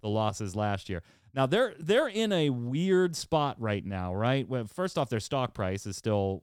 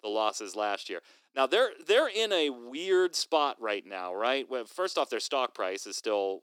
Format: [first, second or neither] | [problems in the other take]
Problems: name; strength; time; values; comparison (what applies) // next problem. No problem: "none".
first | thin; very; fading below 300 Hz